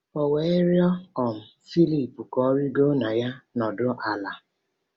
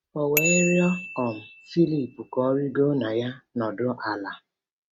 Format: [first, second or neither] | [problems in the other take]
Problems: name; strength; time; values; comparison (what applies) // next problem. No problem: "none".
first | noise reduction (neural mask model RNNoise)